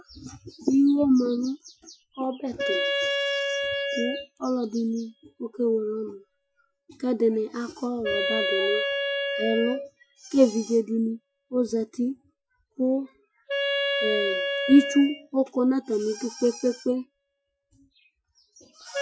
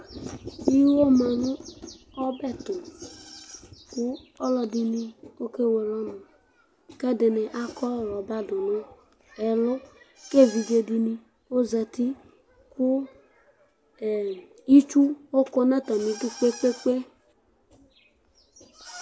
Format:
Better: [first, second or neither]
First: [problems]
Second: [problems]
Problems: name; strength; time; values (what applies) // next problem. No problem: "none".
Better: second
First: noise reduction (classical method Wiener filter)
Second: none